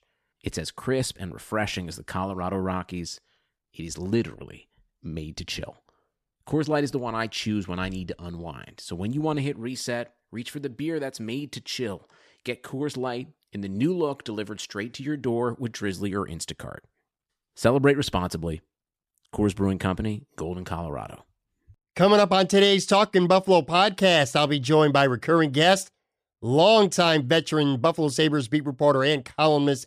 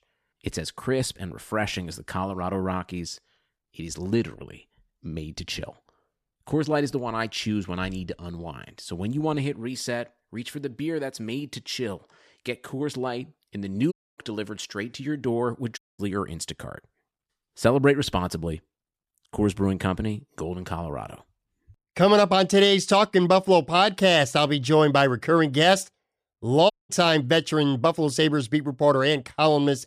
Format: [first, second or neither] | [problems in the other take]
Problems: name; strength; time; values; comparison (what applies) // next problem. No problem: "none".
first | audio cutting out; at 14 s, at 16 s and at 27 s